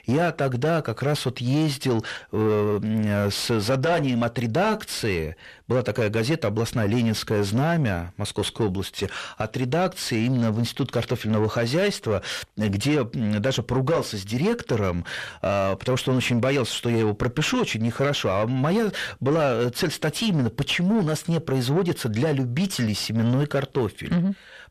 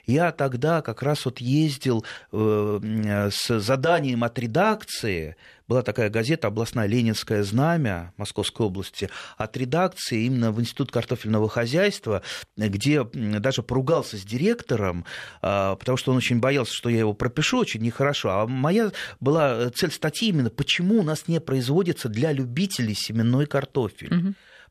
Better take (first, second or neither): second